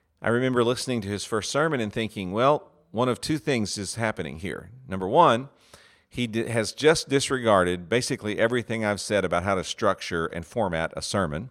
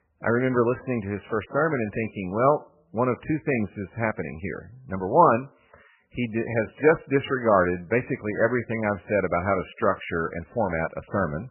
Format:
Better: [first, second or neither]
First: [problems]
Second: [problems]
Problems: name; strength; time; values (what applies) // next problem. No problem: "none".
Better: first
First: none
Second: garbled, watery; badly; nothing above 3 kHz